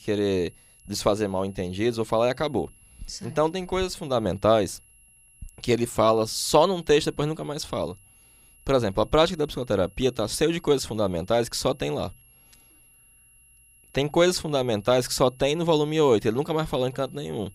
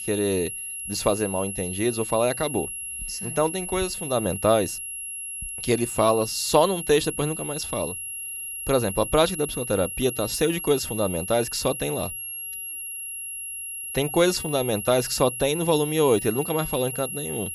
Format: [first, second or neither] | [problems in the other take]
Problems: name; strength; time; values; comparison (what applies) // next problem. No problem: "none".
first | high-pitched whine; loud; throughout; 11 kHz, 6 dB below the speech; faint in the first